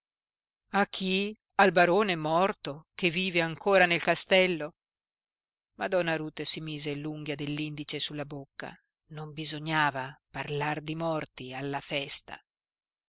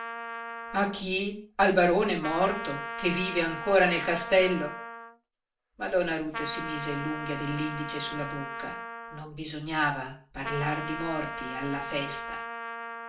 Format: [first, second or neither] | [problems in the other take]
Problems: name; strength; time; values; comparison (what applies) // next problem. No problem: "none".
first | background sound (Trumpet); 8 dB below the speech // room echo; dies away in 0.4 s